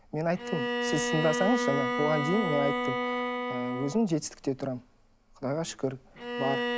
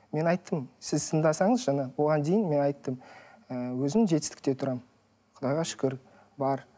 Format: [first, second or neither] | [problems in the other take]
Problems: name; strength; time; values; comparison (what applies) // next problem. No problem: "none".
second | background sound (Bowed string instrument); 1 dB below the speech